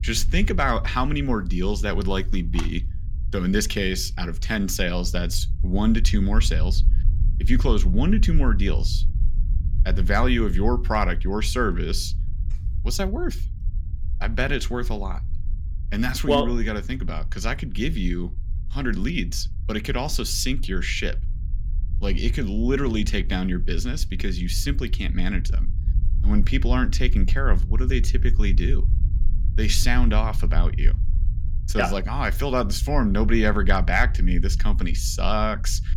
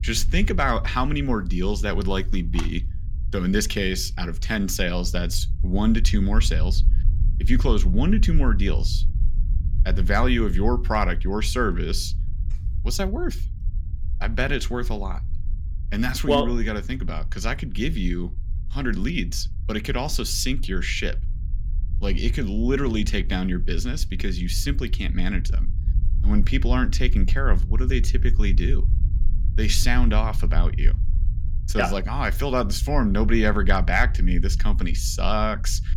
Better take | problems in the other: neither | low rumble; noticeable; throughout; 20 dB below the speech; the same in both

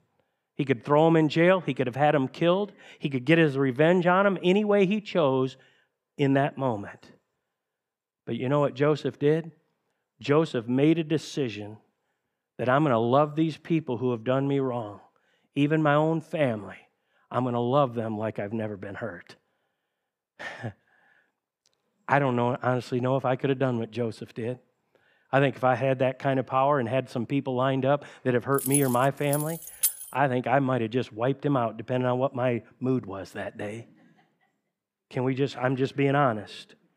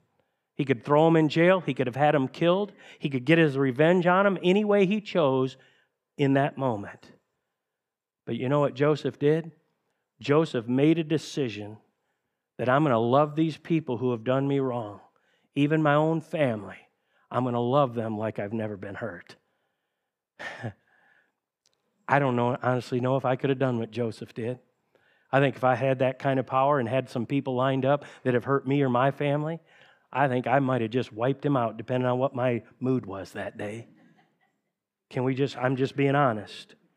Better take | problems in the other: second | jangling keys; noticeable; from 29 to 30 s; peak level with the speech

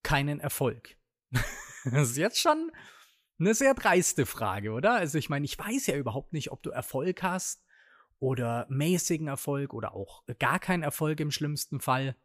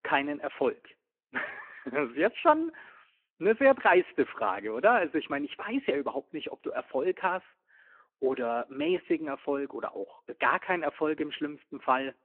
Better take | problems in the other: first | phone-call audio

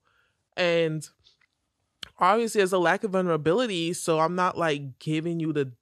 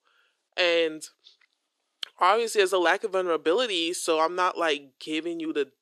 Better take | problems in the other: first | thin; somewhat; fading below 350 Hz

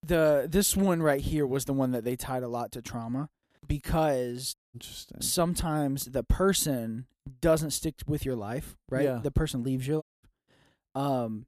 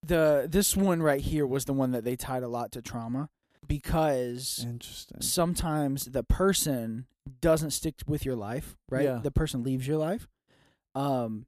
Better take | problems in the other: second | audio cutting out; at 4.5 s and at 10 s

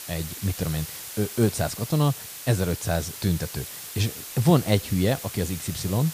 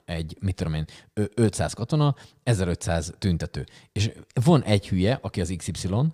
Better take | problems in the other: second | hiss; loud; throughout; 9 dB below the speech

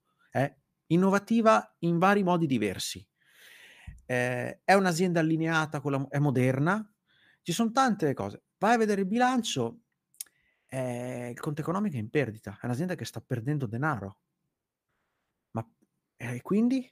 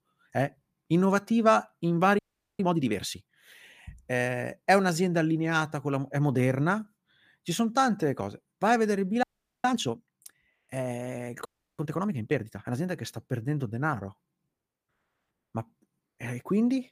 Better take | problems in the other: first | audio freezing; at 2 s, at 9 s and at 11 s

